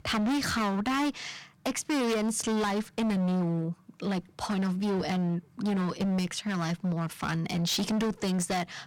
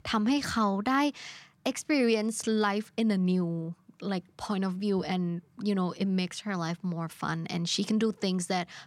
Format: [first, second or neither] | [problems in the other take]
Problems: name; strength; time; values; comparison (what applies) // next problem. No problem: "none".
second | distortion; heavy; 25% of the sound clipped